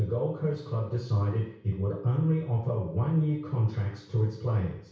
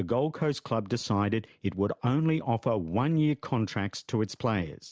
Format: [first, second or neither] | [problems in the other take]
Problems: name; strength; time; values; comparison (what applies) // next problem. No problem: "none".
second | room echo; dies away in 0.6 s